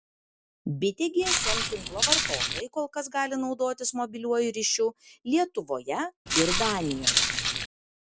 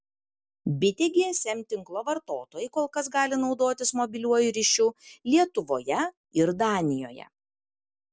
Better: second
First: background sound (Walk, footsteps); 3 dB above the speech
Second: none

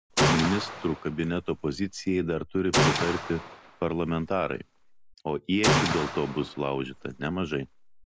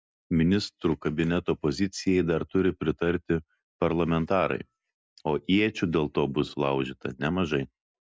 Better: second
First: background sound (Gunshot, gunfire); 1 dB below the speech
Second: none

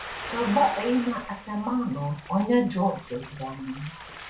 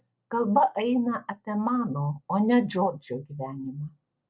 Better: second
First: background sound (Ocean); 13 dB below the speech // room echo; dies away in 0.3 s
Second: none

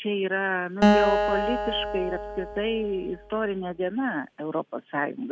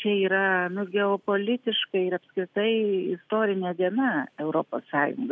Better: second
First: background sound (Acoustic guitar); 2 dB above the speech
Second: none

